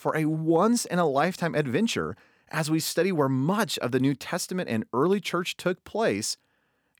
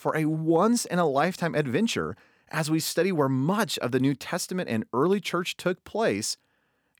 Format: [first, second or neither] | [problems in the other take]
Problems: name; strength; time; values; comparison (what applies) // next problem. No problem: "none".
neither | none